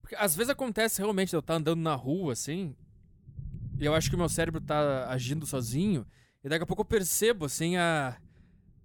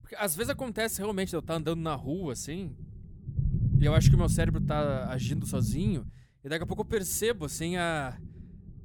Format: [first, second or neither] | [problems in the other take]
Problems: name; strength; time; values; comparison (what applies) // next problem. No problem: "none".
first | low rumble; loud; throughout; 7 dB below the speech; faint in the first